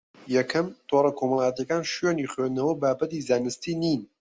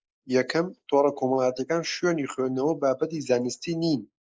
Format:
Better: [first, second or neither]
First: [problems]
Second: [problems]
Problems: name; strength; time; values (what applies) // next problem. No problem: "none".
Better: first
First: none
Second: noise reduction (neural mask model Resemble Enhance denoiser)